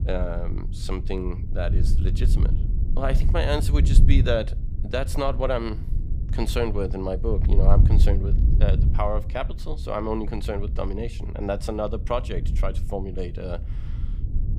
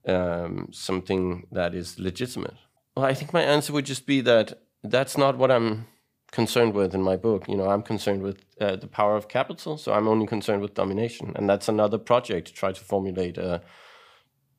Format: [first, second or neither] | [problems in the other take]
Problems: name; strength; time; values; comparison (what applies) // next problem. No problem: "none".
second | low rumble; noticeable; throughout; 10 dB below the speech